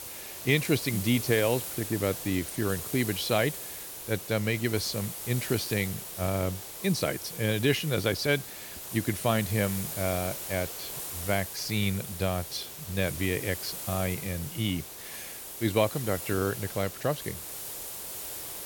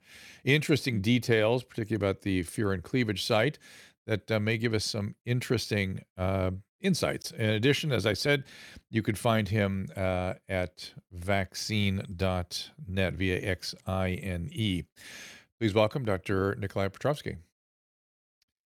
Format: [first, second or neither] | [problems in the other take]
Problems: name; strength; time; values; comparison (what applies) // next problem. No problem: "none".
second | hiss; loud; throughout; 7 dB below the speech